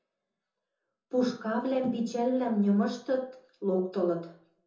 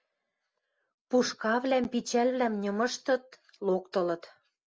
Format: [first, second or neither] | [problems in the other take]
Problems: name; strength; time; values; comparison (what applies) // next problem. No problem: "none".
second | room echo; dies away in 0.6 s